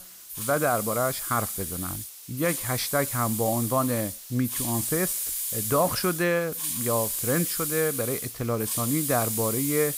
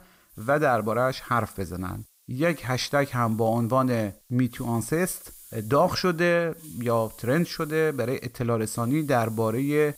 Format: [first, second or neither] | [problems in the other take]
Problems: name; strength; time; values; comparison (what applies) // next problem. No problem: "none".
second | hiss; loud; throughout; 1 dB below the speech; faint in the second